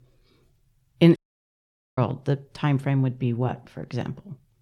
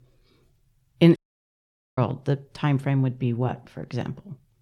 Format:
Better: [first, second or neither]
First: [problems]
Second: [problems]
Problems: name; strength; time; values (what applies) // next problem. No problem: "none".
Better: neither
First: audio cutting out; at 1 s for 1 s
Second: audio cutting out; at 1 s for 1 s